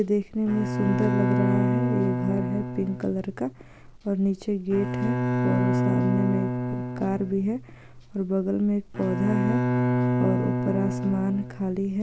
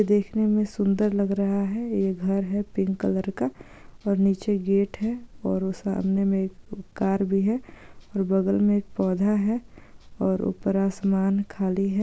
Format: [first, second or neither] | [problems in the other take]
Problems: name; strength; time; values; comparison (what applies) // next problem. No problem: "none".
second | background sound (Bowed string instrument); as loud as the speech